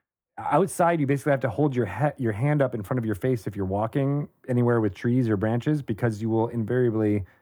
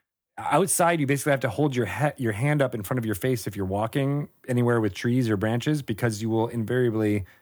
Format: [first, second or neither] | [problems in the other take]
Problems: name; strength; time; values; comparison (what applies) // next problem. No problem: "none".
second | muffled; slightly; fading above 2 kHz